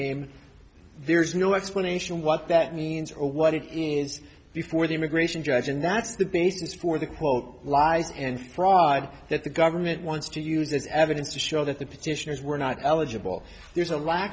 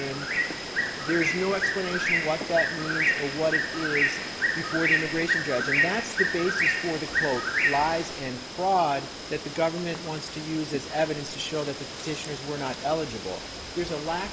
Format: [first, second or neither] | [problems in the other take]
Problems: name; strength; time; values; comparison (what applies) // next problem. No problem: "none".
first | background sound (Bird); as loud as the speech